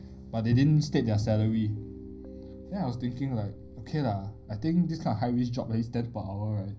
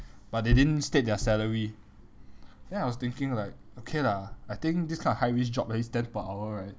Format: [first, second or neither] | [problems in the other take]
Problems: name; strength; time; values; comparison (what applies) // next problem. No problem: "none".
second | background sound (Piano); 17 dB below the speech // room echo; dies away in 0.5 s